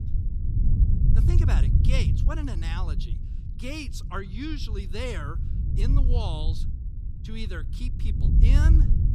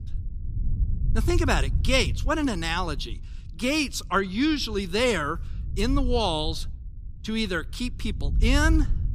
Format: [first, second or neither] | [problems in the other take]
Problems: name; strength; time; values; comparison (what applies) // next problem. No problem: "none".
second | low rumble; loud; throughout; 4 dB below the speech; faint in the second